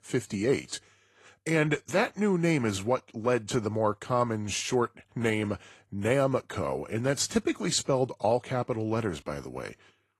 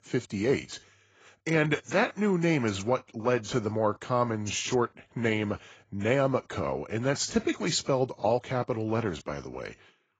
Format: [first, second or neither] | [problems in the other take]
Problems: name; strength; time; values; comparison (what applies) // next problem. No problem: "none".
first | garbled, watery; badly; nothing above 7.5 kHz; slightly in the first